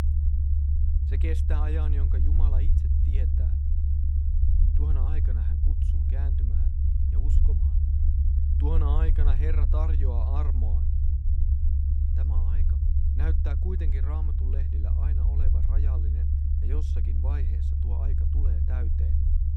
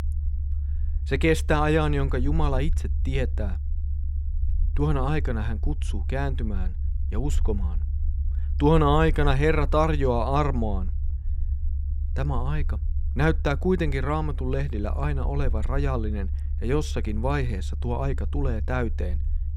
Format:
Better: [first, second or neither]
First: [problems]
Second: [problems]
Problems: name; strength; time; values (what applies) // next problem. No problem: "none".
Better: second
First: low rumble; loud; throughout; as loud as the speech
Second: low rumble; faint; throughout; 20 dB below the speech